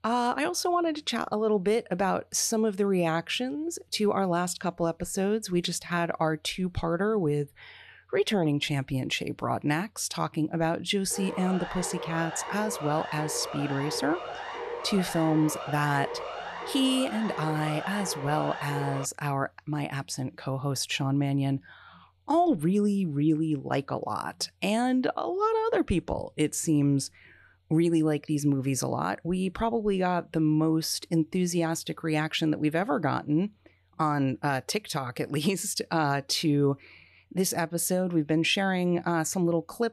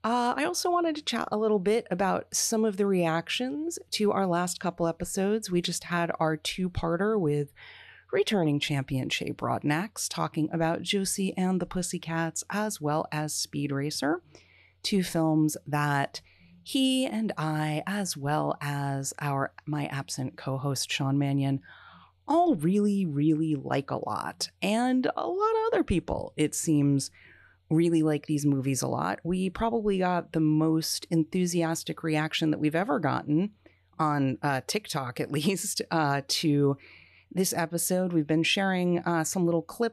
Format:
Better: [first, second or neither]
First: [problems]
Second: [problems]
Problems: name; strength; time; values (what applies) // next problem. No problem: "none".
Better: second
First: siren; noticeable; from 11 to 19 s; peak 7 dB below the speech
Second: none